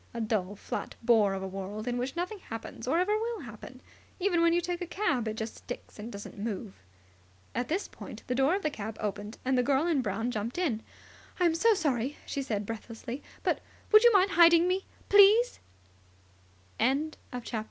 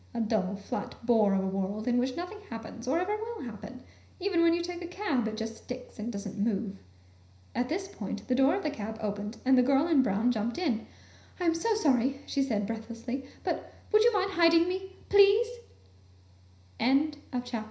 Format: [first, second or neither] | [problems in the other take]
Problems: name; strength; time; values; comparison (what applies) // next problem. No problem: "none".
first | room echo; dies away in 0.5 s